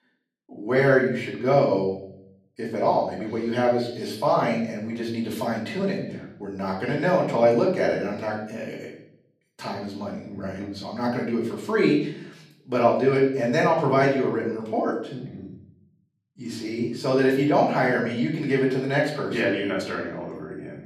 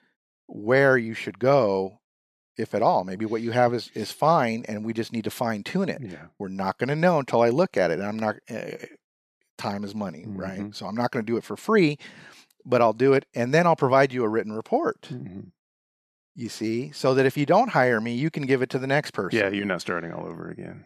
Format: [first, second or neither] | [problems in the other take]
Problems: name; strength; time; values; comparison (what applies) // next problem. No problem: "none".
second | room echo; noticeable; dies away in 0.6 s // off-mic speech; far